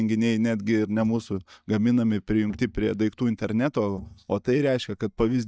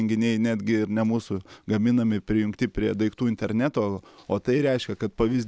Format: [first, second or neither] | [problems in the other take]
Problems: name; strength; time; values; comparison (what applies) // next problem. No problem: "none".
second | noise reduction (neural mask model DeepFilterNet 3)